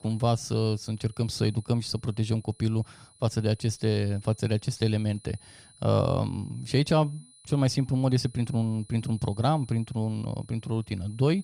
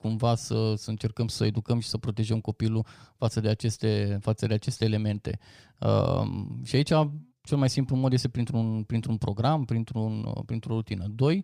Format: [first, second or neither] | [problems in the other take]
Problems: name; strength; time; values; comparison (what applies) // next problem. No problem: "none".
second | high-pitched whine; faint; throughout; 9.5 kHz, 25 dB below the speech